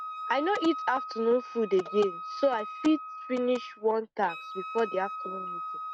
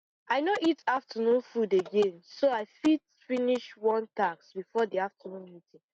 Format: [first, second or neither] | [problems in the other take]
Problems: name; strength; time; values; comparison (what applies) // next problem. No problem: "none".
second | background sound (Wind instrument, woodwind instrument); 9 dB below the speech